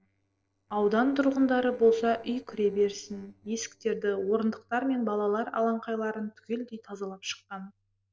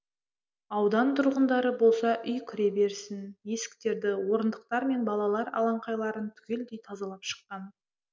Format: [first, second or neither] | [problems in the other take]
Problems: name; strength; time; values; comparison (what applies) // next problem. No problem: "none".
second | noise reduction (neural separator model SepFormer DNS4)